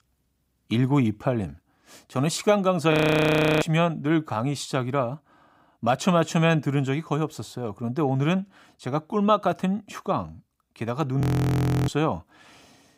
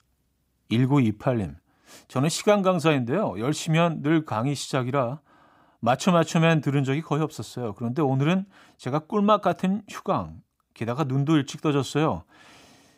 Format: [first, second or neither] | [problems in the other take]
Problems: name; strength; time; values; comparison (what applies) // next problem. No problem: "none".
second | audio freezing; at 3 s for 0.5 s and at 11 s for 0.5 s